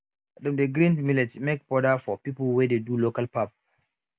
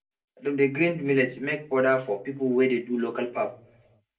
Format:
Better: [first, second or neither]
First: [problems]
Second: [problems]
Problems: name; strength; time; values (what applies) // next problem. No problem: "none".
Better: first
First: none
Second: room echo; dies away in 0.2 s